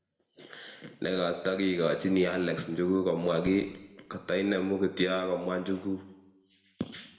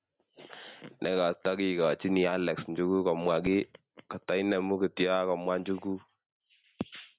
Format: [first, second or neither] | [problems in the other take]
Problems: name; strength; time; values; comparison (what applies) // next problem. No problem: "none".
second | room echo; dies away in 0.9 s